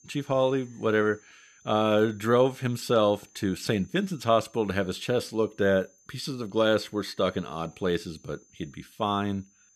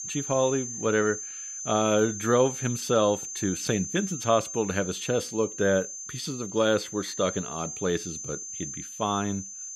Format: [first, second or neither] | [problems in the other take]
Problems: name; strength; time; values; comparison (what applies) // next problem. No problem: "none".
first | high-pitched whine; loud; throughout; 6.5 kHz, 8 dB below the speech; faint in the first